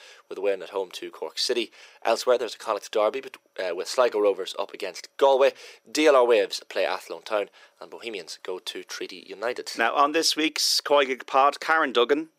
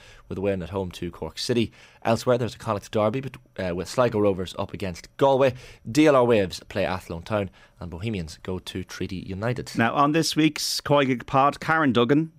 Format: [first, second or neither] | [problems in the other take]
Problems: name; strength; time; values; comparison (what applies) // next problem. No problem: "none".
second | thin; somewhat; fading below 400 Hz